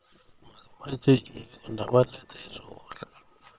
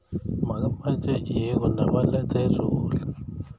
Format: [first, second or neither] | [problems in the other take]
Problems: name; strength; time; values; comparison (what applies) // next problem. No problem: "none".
second | noise reduction (neural separator model SepFormer WHAM!)